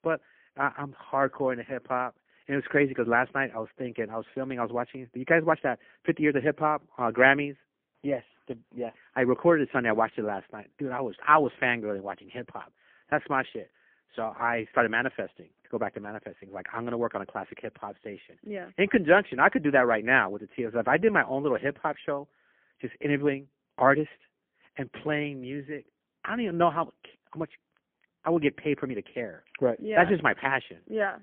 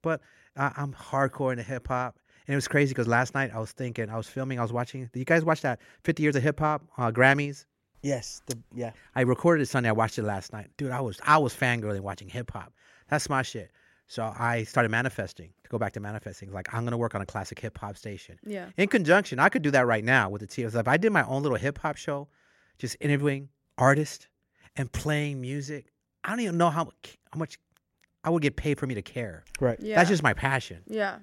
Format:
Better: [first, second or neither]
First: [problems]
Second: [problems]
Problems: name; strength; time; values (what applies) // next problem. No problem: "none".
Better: second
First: phone-call audio; poor line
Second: none